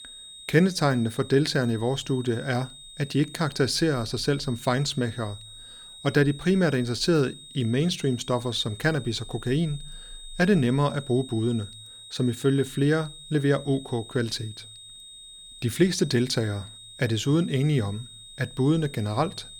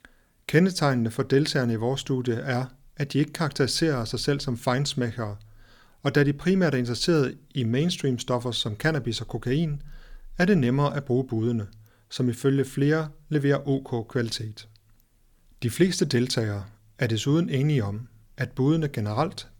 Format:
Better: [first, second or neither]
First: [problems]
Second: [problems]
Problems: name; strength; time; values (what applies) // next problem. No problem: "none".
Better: second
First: high-pitched whine; noticeable; throughout; 3.5 kHz, 15 dB below the speech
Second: none